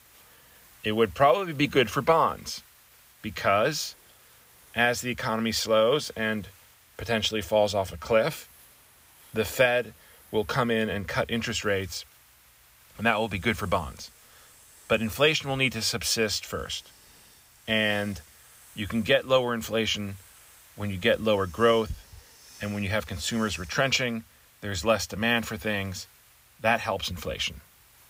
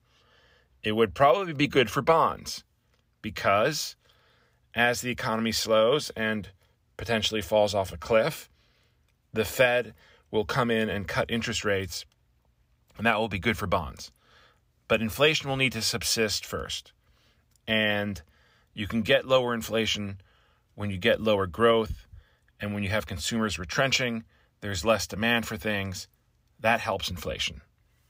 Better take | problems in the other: second | hiss; faint; throughout; 25 dB below the speech

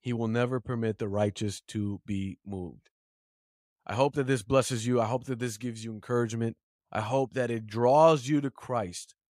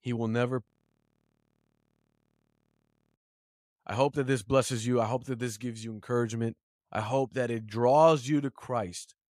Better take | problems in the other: first | audio freezing; at 0.5 s for 2.5 s

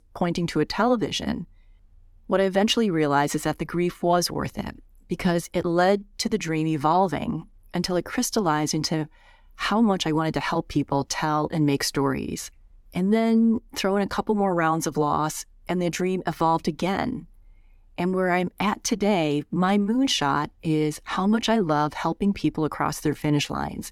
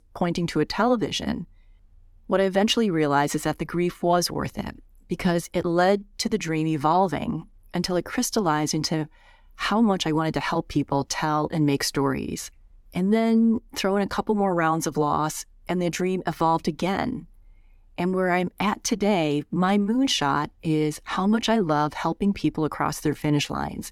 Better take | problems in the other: neither | none

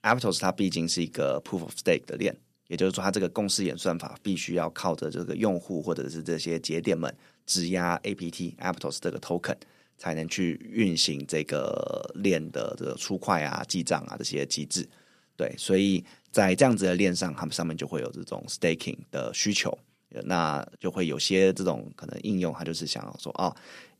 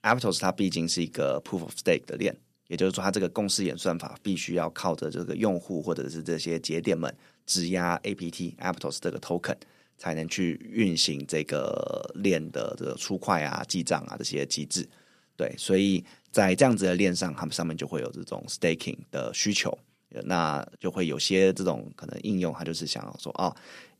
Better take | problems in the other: neither | none

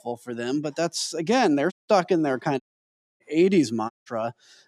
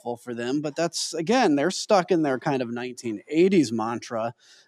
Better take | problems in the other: second | audio cutting out; at 1.5 s, at 2.5 s for 0.5 s and at 4 s

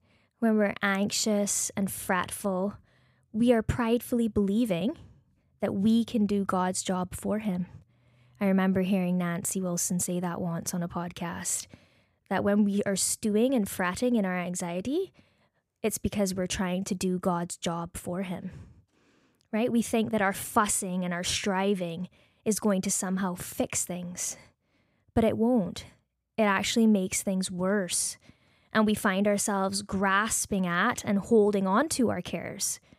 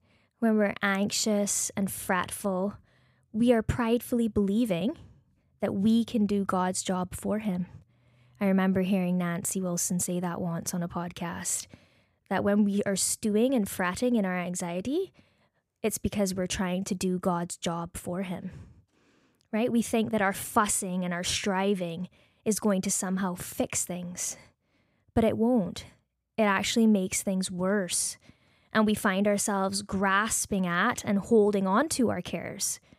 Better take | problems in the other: neither | none

